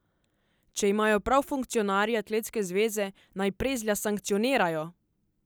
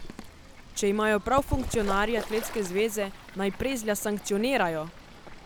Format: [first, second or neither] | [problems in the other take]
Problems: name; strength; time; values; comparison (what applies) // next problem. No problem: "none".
first | background sound (Bird / Fowl); 9 dB below the speech